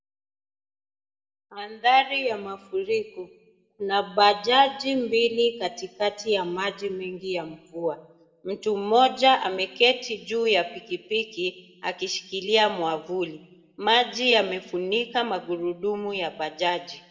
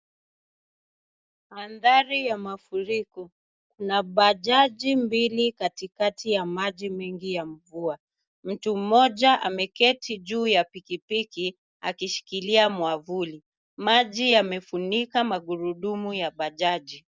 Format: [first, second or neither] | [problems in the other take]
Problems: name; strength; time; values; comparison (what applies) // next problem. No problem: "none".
second | room echo; dies away in 0.8 s